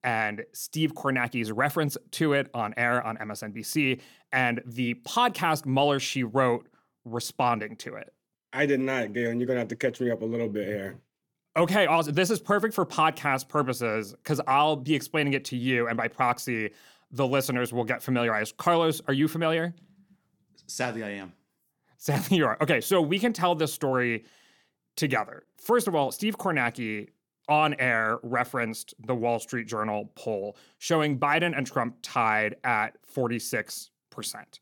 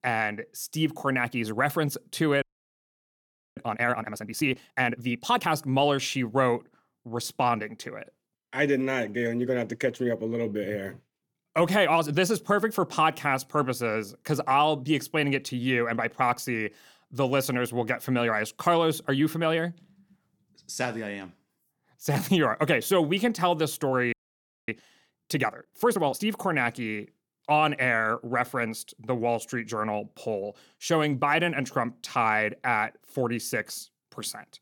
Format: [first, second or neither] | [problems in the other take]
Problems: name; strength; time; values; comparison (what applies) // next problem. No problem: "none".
first | audio freezing; at 2.5 s for 1 s and at 24 s for 0.5 s